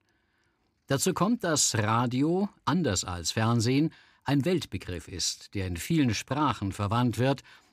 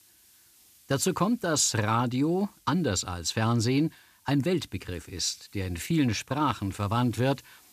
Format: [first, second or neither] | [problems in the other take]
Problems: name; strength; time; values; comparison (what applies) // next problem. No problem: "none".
first | hiss; faint; throughout; 30 dB below the speech